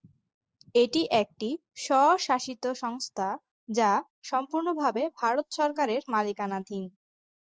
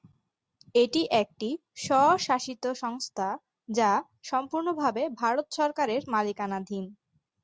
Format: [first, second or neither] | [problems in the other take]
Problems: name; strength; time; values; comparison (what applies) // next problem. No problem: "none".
second | noise reduction (neural mask model Resemble Enhance denoiser)